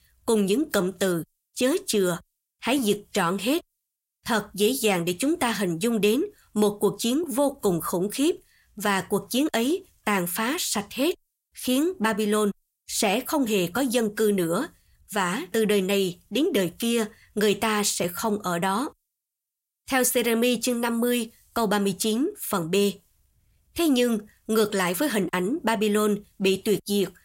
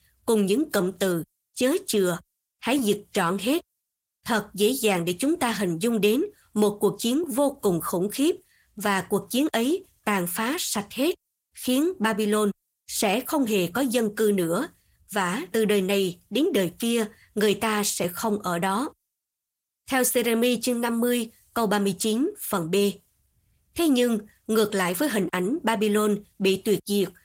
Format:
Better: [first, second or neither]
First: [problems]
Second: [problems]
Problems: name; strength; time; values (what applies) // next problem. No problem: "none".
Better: first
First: none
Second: garbled, watery; slightly; nothing above 16 kHz